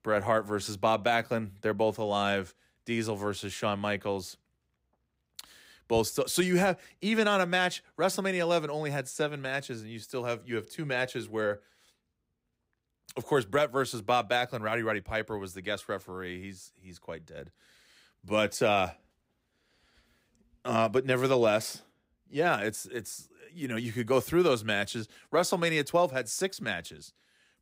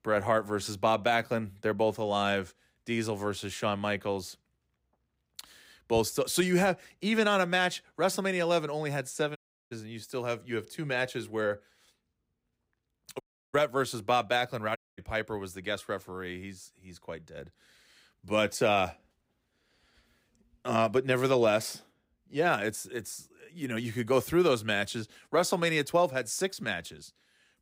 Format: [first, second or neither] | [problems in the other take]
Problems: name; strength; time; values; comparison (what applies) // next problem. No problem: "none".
first | audio cutting out; at 9.5 s, at 13 s and at 15 s